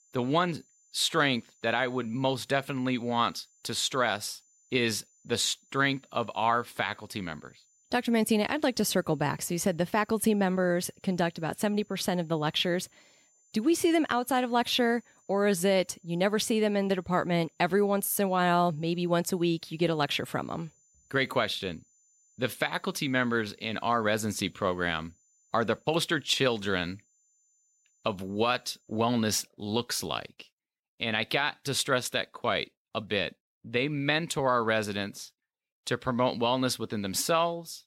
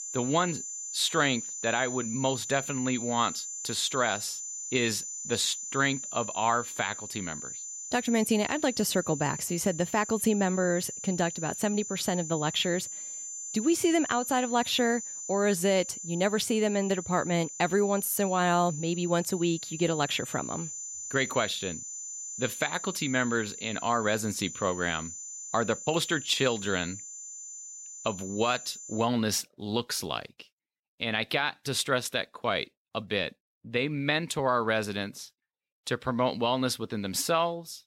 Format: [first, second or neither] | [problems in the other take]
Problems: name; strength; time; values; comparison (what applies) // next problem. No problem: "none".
first | high-pitched whine; loud; until 29 s; 7 kHz, 8 dB below the speech; faint in the first